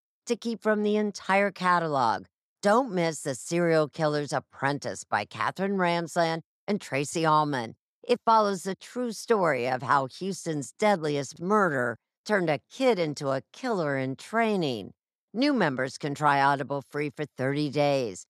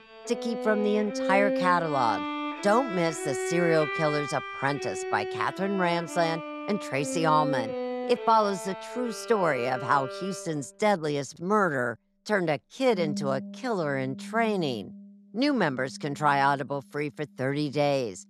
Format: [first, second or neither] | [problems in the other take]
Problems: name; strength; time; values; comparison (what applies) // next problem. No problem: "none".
first | background music; loud; throughout; 6 dB below the speech